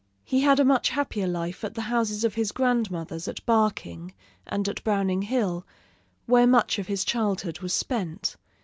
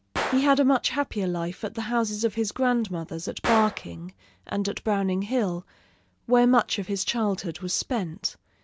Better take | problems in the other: first | background sound (Gunshot, gunfire); 14 dB below the speech

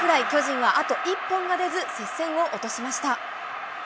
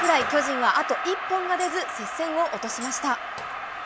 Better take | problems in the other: first | background sound (Walk, footsteps + Tambourine); 20 dB below the speech

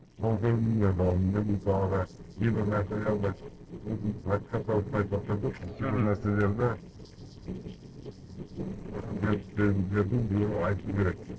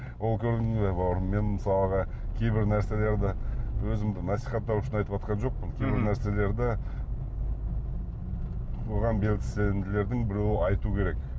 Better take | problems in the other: second | noise reduction (neural separator model SepFormer DNS4)

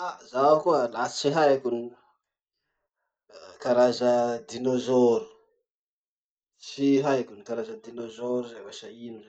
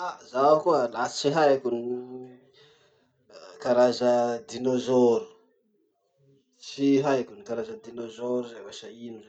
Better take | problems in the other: second | noise reduction (neural mask model Resemble Enhance denoiser)

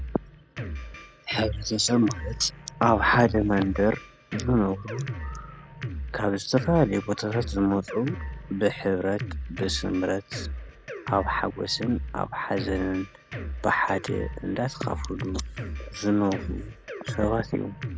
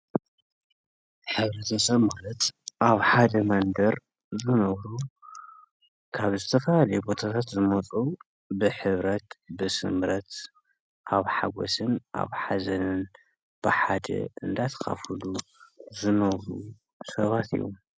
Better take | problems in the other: second | background sound (Drum kit); 9 dB below the speech

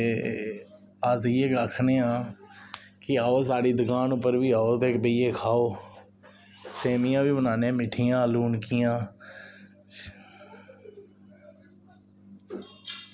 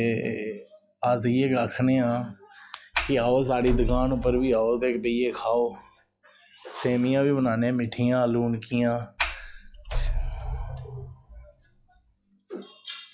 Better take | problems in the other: first | noise reduction (classical method log-MMSE)

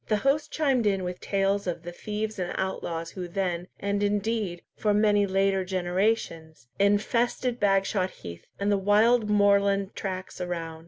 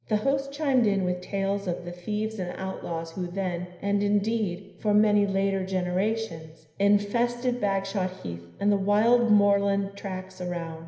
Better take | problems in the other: first | room echo; dies away in 0.9 s

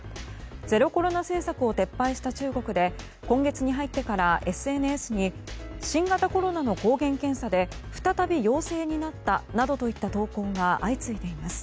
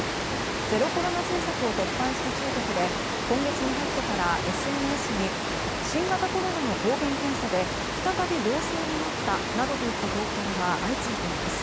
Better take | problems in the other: first | background sound (Water); 1 dB above the speech

